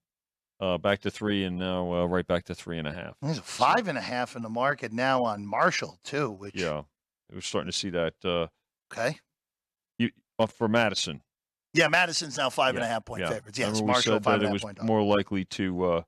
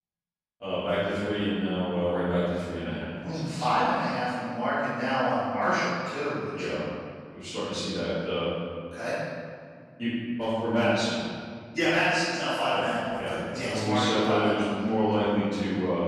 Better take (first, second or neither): first